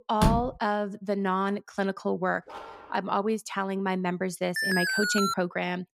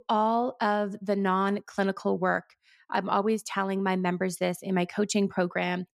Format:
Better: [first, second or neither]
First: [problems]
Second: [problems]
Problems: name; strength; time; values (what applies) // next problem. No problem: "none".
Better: second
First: door banging; loud; at the start; peak 2 dB above the speech // dog barking; faint; at 2.5 s; peak 15 dB below the speech // alarm; loud; at 4.5 s; peak 3 dB above the speech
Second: none